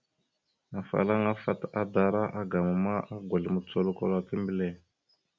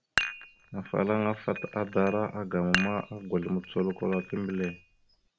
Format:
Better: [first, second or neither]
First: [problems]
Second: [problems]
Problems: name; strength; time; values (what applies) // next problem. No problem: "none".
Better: first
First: none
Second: background sound (Dishes, pots, and pans); 7 dB below the speech